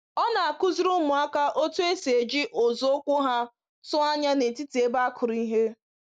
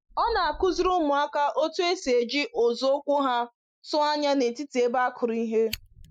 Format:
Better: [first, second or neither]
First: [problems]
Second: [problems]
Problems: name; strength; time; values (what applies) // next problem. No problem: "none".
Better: first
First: none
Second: noise reduction (classical method Wiener filter)